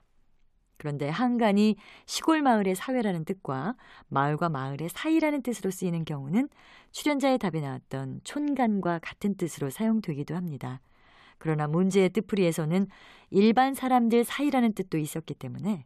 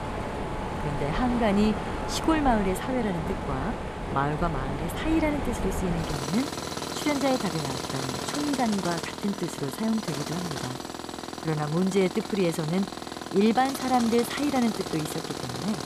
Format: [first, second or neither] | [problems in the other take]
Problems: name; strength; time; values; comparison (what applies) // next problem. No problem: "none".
first | machinery noise; loud; throughout; 5 dB below the speech